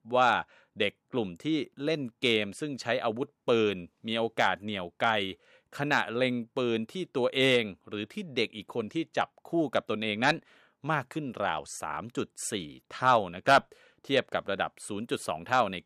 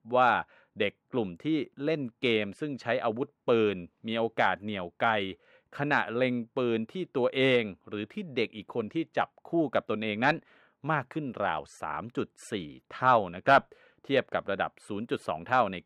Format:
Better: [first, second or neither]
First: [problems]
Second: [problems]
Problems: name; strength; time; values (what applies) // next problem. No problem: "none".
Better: first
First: none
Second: muffled; slightly; fading above 4 kHz